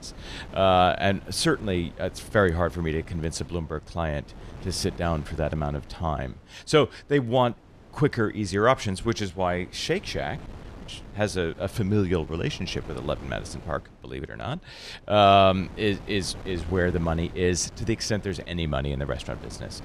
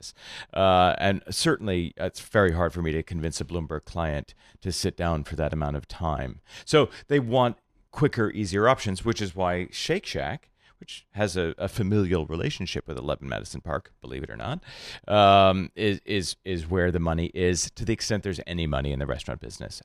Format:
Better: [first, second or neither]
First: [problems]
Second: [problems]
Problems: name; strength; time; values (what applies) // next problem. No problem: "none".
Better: second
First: wind noise on the microphone; occasional gusts; 20 dB below the speech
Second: none